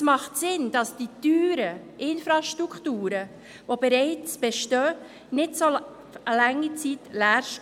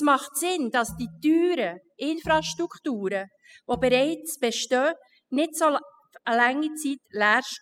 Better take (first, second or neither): first